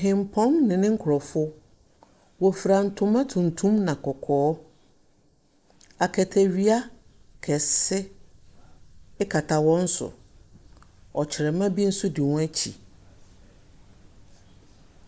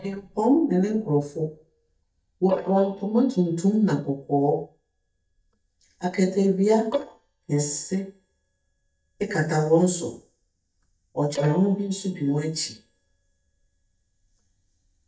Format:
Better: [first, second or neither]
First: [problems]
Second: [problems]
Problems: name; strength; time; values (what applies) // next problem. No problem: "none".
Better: first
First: none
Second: noise reduction (neural mask model DeepFilterNet 3)